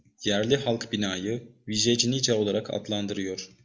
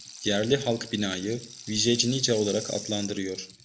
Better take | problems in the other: first | background sound (Rattle (instrument)); 14 dB below the speech

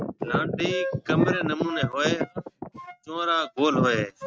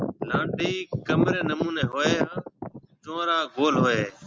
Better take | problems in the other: second | noise reduction (neural mask model RNNoise)

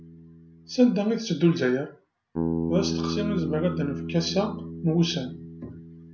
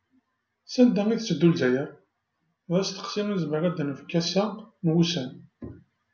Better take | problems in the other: second | background sound (Bass guitar); 6 dB below the speech

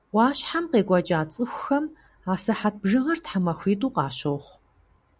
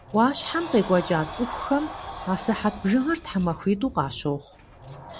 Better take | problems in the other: first | background sound (Sliding door); 13 dB below the speech

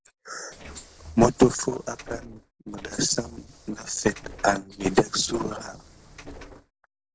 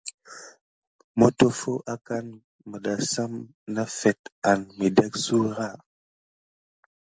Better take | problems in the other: second | noise reduction (neural separator model SepFormer DNS4)

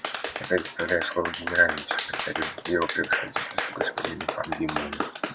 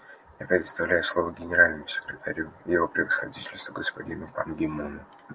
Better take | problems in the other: second | background sound (Clapping); 3 dB below the speech

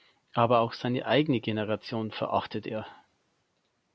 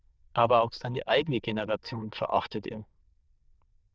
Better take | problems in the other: first | noise reduction (neural diffusion model UNIVERSE++)

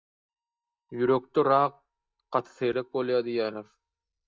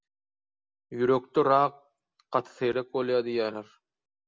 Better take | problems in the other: second | noise reduction (neural mask model DeepFilterNet 3)

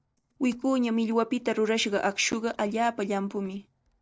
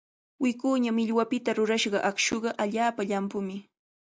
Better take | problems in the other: second | noise reduction (neural separator model SepFormer DNS4)

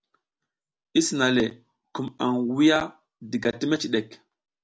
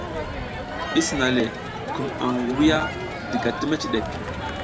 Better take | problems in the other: first | background sound (Crowd); 4 dB below the speech

